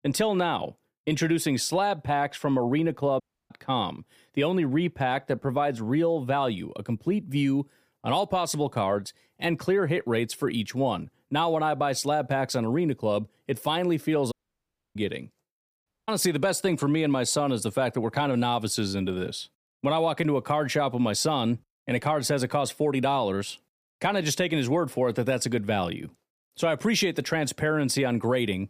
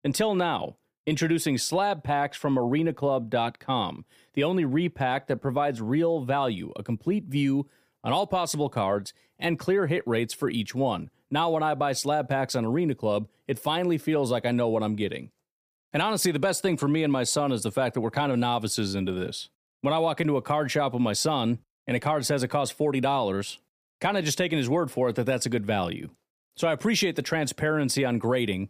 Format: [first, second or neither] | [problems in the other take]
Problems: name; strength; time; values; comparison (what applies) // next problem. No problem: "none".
second | audio cutting out; at 3 s, at 14 s for 0.5 s and at 16 s